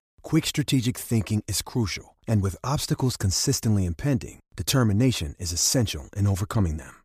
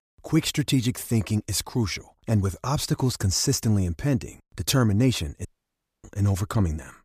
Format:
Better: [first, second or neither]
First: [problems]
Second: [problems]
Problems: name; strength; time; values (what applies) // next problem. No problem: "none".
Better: first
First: none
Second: audio cutting out; at 5.5 s for 0.5 s